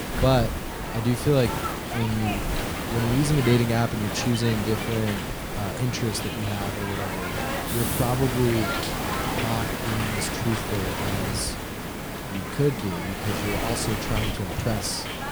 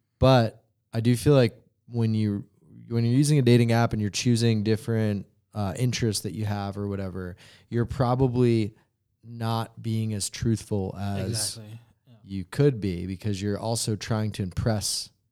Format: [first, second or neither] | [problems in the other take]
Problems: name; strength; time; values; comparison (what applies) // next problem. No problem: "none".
second | hiss; loud; throughout; 2 dB below the speech